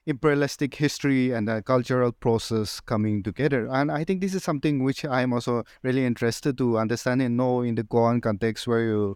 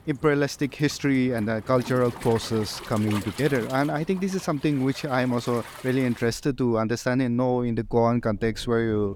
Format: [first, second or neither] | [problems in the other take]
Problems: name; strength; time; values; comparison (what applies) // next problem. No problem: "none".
first | rain or running water; noticeable; throughout; 15 dB below the speech